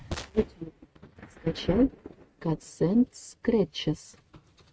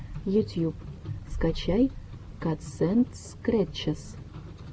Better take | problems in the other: second | noise reduction (neural mask model RNNoise)

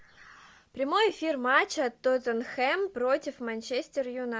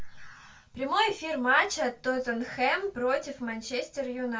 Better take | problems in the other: first | room echo; dies away in 0.2 s

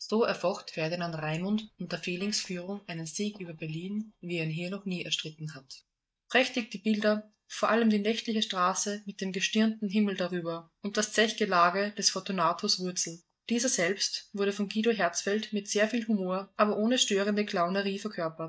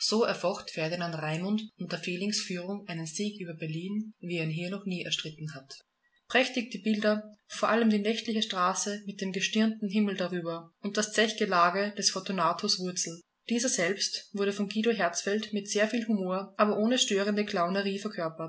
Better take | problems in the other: second | noise reduction (neural mask model DeepFilterNet 3)

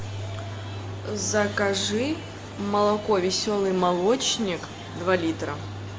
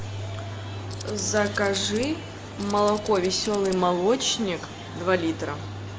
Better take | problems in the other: first | background sound (Tools); 16 dB below the speech

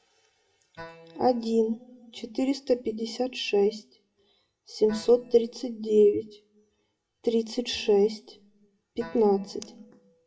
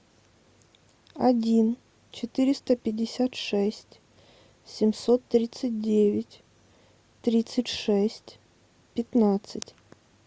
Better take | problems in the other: second | noise reduction (classical method WPE with log-MMSE)

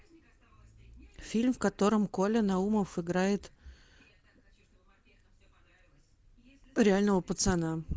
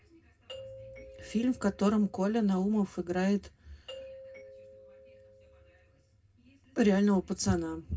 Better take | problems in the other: first | background sound (Doorbell); 19 dB below the speech // room echo; dies away in 0.2 s

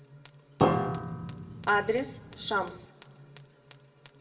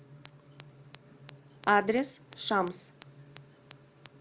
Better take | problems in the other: second | background sound (Piano); 3 dB above the speech // room echo; dies away in 1.1 s

